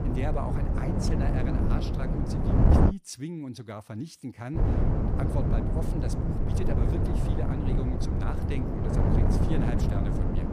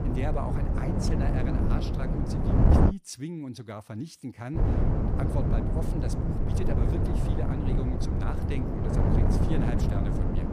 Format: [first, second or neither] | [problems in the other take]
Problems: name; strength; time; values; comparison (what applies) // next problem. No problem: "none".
neither | wind noise on the microphone; heavy; until 3 s and from 4.5 s on; 4 dB above the speech; the same in both